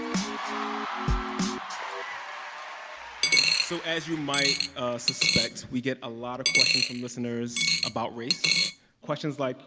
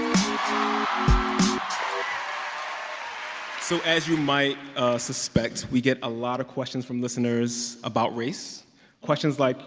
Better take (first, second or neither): second